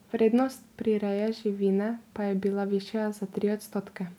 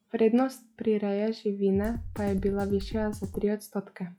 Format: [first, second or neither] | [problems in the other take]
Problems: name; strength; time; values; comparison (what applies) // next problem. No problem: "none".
first | noise reduction (classical method log-MMSE)